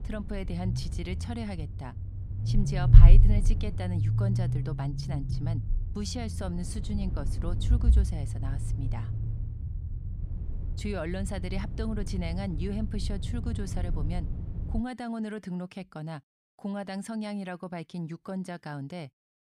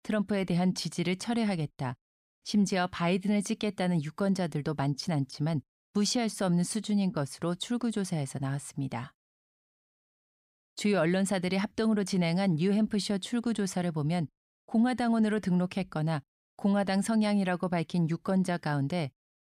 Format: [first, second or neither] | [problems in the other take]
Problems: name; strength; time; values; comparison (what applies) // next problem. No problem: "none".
second | low rumble; loud; until 15 s; 5 dB below the speech